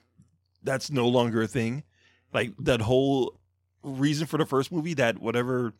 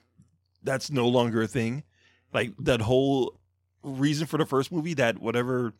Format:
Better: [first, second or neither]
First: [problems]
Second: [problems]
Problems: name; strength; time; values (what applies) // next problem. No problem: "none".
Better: neither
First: none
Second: none